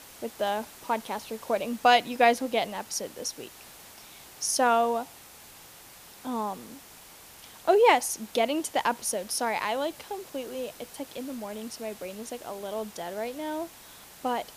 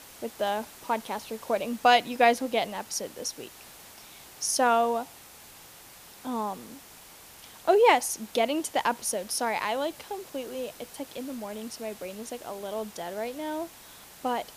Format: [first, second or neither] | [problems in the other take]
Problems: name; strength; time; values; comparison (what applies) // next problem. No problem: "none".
neither | hiss; noticeable; throughout; 20 dB below the speech; the same in both